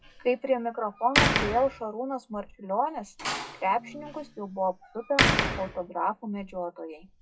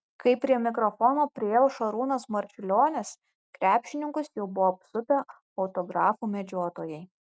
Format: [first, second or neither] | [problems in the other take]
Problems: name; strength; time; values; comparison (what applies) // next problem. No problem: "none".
second | noise reduction (classical method WPE with log-MMSE)